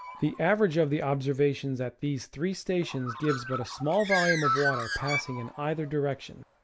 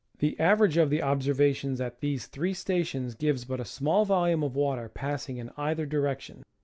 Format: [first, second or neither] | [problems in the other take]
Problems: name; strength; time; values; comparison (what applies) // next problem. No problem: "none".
second | background sound (Bird); 7 dB below the speech